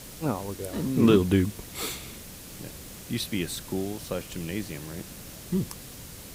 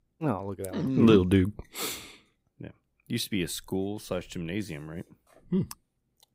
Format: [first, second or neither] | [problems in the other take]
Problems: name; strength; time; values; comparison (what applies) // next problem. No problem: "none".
second | hiss; noticeable; throughout; 15 dB below the speech